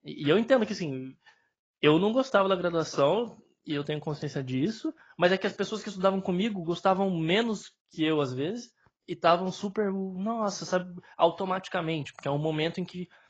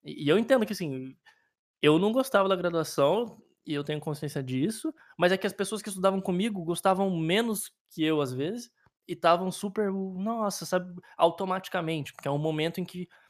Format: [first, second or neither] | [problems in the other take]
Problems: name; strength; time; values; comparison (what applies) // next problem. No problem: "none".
second | garbled, watery; badly; nothing above 7.5 kHz